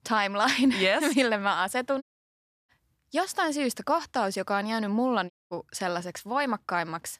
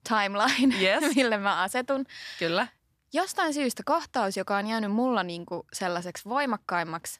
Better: second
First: audio cutting out; at 2 s for 0.5 s and at 5.5 s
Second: none

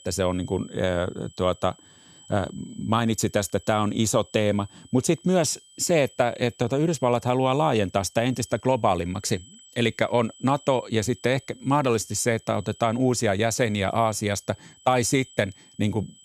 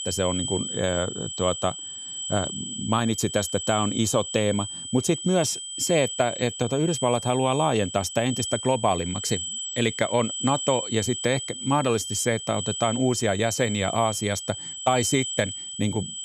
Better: first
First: high-pitched whine; faint; throughout; 3 kHz, 25 dB below the speech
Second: high-pitched whine; loud; throughout; 3 kHz, 6 dB below the speech

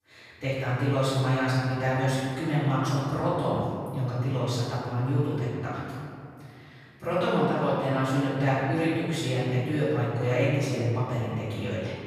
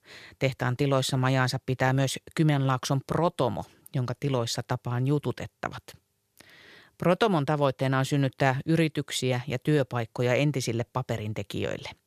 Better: second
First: off-mic speech; far // room echo; strong; dies away in 2.3 s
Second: none

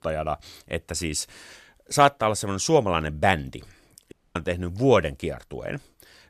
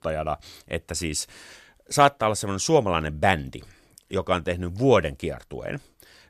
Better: second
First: audio cutting out; at 4 s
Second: none

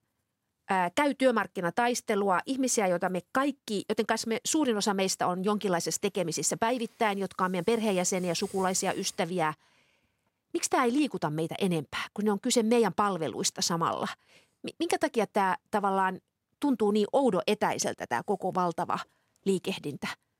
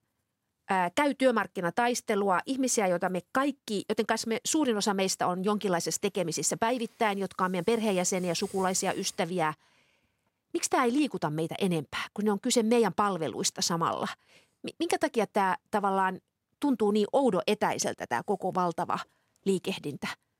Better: neither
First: none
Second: none

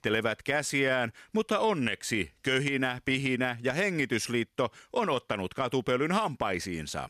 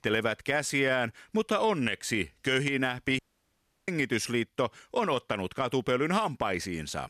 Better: first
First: none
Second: audio cutting out; at 3 s for 0.5 s

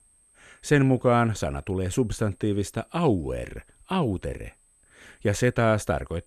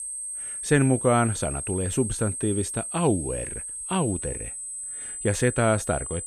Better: first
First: high-pitched whine; faint; throughout; 8.5 kHz, 35 dB below the speech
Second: high-pitched whine; loud; throughout; 8.5 kHz, 6 dB below the speech

